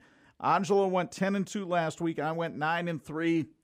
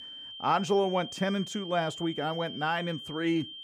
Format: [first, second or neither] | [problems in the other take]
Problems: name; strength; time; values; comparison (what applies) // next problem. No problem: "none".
first | high-pitched whine; loud; throughout; 3 kHz, 10 dB below the speech